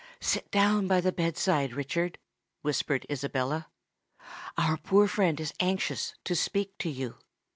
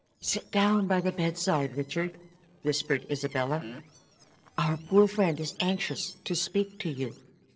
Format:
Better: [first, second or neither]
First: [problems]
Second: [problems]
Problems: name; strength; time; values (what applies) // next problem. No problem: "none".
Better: first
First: none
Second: noise reduction (neural separator model SepFormer DNS4)